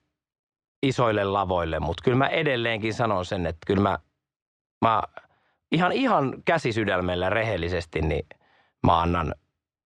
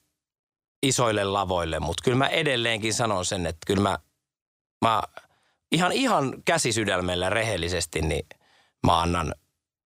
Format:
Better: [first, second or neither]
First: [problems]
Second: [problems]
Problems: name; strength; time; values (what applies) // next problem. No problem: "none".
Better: second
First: muffled; slightly; fading above 2.5 kHz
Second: none